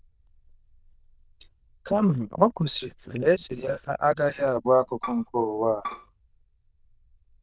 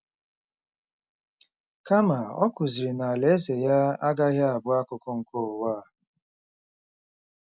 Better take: second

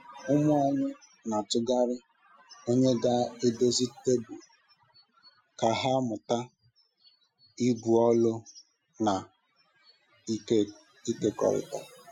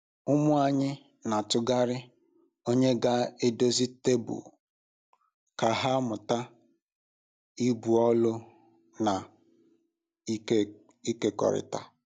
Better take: second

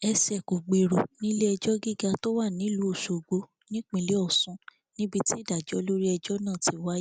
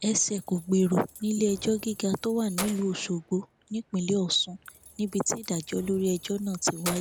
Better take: first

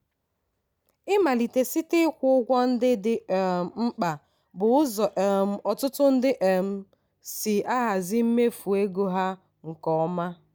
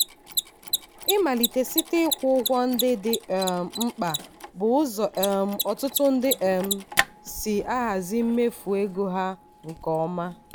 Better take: first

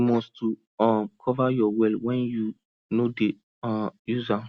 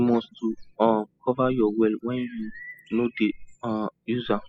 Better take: first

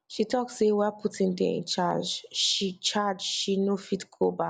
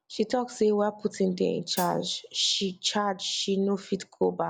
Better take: first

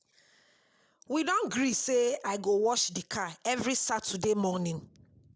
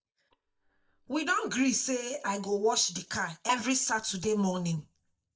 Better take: first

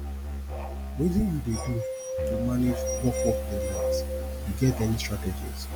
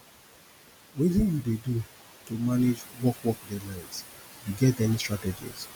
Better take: second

